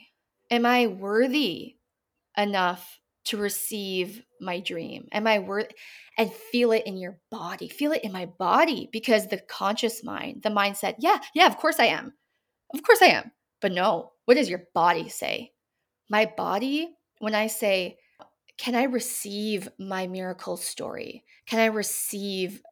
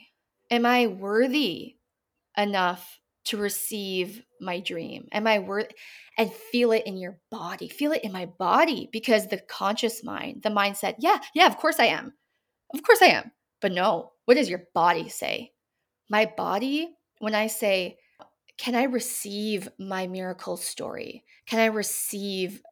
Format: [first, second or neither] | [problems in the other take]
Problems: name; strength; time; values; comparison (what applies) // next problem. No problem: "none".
neither | none